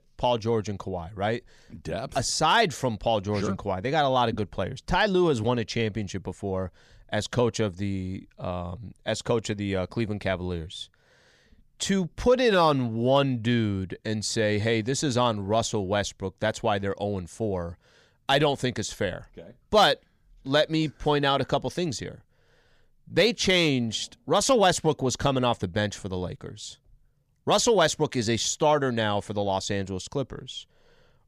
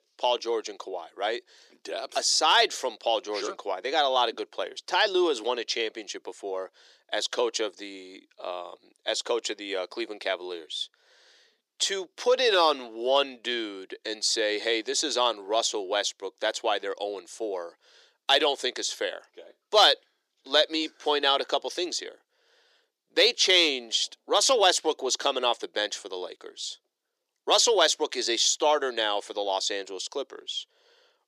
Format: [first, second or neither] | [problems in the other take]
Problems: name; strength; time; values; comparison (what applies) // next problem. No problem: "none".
first | thin; very; fading below 350 Hz